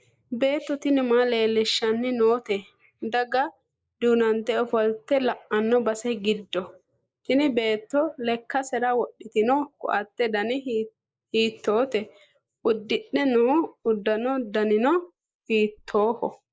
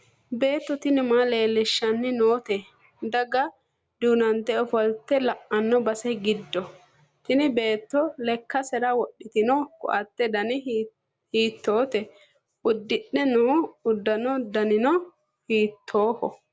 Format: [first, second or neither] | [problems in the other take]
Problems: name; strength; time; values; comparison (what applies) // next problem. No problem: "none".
second | noise reduction (neural mask model Resemble Enhance denoiser)